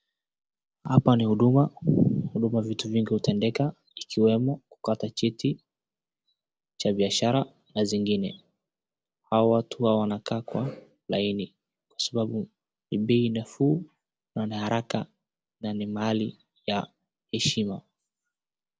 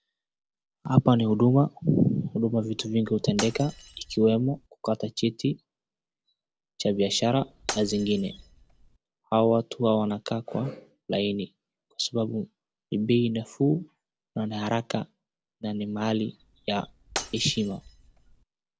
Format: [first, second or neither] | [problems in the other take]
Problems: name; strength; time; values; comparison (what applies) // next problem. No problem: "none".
first | background sound (Shatter); 14 dB below the speech